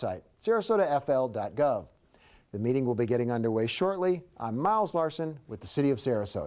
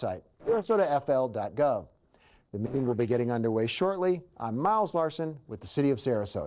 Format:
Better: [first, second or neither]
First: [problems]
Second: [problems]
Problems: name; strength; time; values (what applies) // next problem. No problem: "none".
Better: first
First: none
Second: noise reduction (neural separator model SepFormer DNS4)